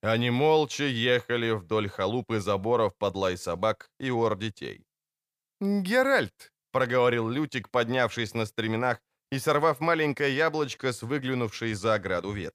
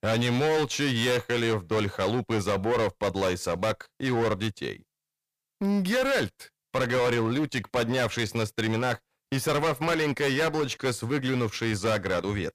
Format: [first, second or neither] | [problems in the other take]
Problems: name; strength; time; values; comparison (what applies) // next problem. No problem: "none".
first | distortion; heavy; 21% of the sound clipped